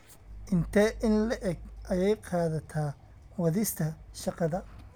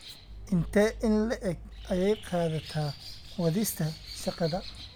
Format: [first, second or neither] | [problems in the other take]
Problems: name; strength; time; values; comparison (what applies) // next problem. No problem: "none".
first | background sound (Bird); 16 dB below the speech